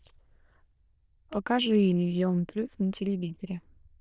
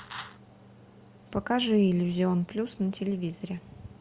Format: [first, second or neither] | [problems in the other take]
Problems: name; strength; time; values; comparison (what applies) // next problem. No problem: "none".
second | noise reduction (neural diffusion model UNIVERSE++)